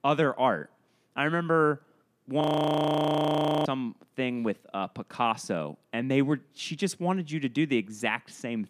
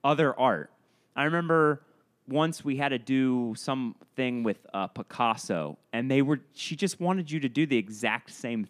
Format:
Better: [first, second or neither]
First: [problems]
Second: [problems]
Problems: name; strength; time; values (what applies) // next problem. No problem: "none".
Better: second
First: audio freezing; at 2.5 s for 1 s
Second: none